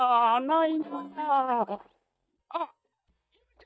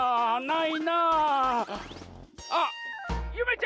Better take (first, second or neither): second